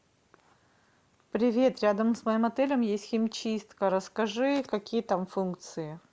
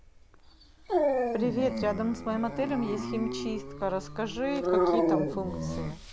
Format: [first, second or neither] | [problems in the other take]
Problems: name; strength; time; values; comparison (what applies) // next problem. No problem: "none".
first | background sound (Dog); 1 dB above the speech